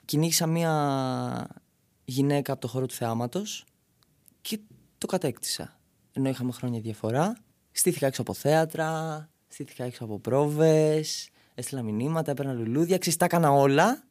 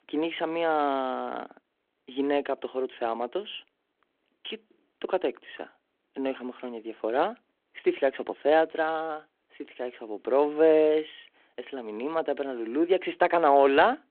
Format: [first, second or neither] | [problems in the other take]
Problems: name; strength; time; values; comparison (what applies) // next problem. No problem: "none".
first | phone-call audio